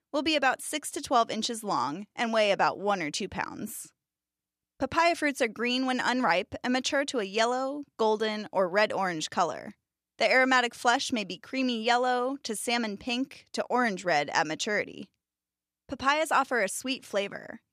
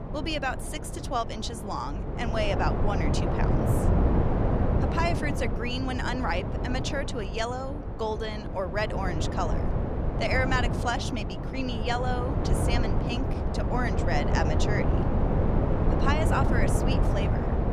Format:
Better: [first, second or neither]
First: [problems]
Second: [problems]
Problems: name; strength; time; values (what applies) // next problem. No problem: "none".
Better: first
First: none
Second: wind noise on the microphone; heavy; 3 dB below the speech